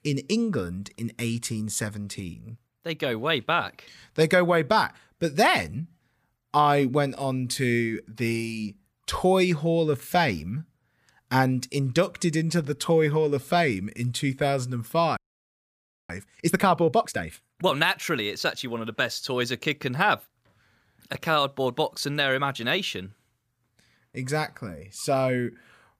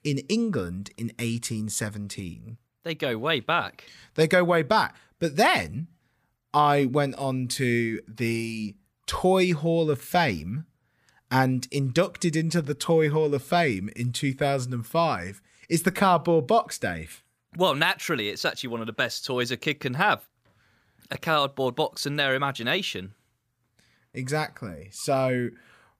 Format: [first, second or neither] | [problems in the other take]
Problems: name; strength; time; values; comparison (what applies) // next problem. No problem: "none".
second | audio freezing; at 15 s for 1 s